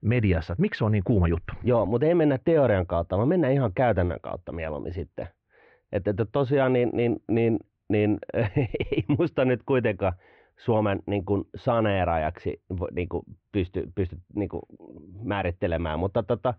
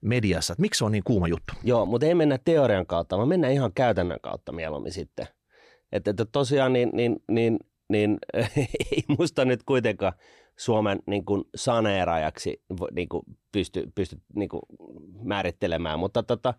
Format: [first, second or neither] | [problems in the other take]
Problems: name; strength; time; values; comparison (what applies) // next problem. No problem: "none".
second | muffled; very; fading above 2.5 kHz